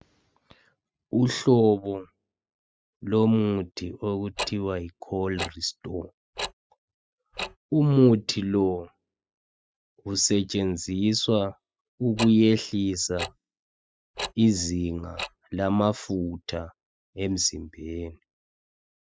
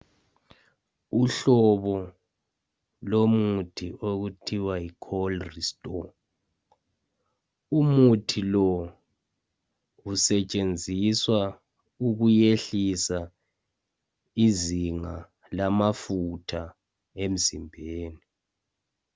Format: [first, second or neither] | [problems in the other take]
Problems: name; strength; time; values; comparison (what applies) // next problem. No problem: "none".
second | noise reduction (classical method spectral subtraction)